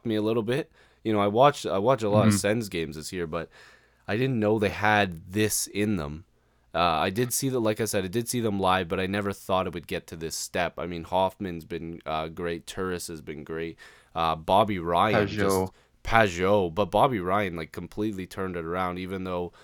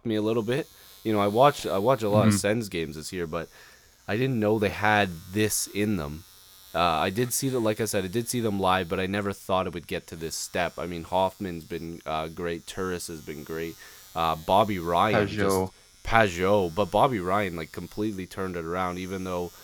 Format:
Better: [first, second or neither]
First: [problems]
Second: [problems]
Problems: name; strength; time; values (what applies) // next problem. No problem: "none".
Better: first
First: none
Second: household noises; faint; throughout; 25 dB below the speech